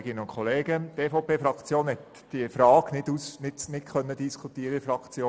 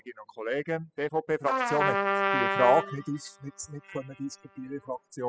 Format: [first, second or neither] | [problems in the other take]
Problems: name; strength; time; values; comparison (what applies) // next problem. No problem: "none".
first | noise reduction (classical method spectral subtraction)